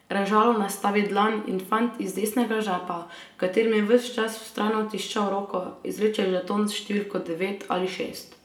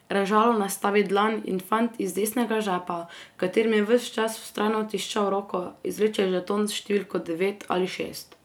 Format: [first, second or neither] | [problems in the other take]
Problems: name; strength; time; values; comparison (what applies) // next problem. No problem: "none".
second | room echo; dies away in 0.6 s